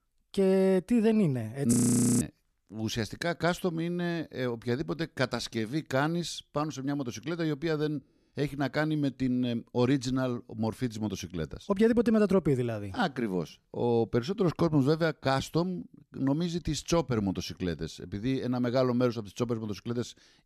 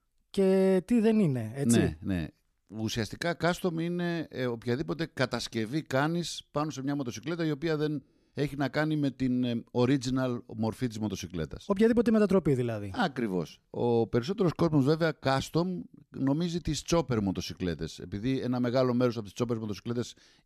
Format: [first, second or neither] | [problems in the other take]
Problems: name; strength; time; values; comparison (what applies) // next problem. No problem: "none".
second | audio freezing; at 1.5 s